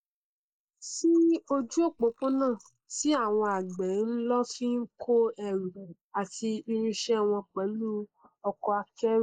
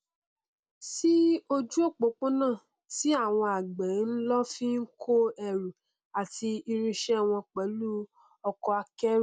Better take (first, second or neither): second